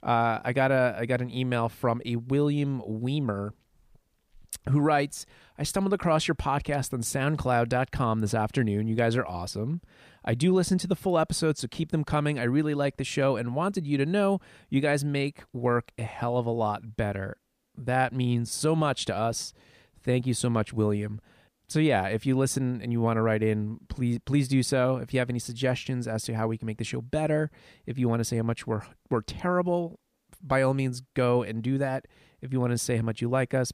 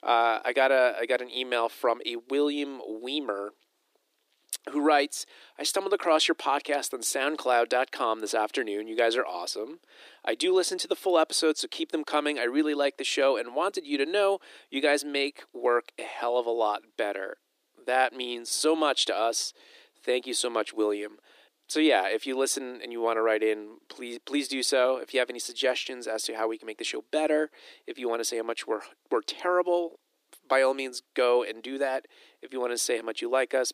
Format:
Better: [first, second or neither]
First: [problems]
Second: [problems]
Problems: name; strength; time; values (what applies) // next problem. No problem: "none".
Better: first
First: none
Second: thin; somewhat; fading below 300 Hz